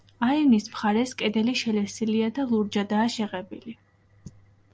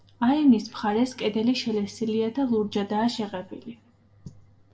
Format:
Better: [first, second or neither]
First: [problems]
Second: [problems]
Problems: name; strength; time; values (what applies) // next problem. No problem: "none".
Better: first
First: none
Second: room echo; dies away in 0.5 s